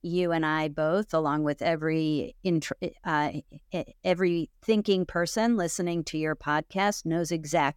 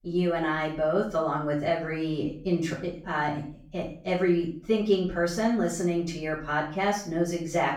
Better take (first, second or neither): first